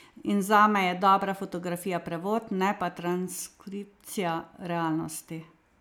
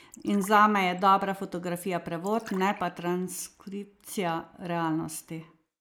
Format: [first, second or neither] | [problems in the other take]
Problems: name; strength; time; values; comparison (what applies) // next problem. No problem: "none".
first | noise reduction (neural mask model Resemble Enhance denoiser)